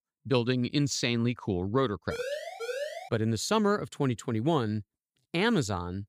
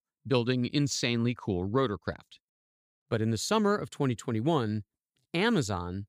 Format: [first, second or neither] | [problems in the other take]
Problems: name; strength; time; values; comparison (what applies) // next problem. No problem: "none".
second | siren; noticeable; at 2 s; peak 6 dB below the speech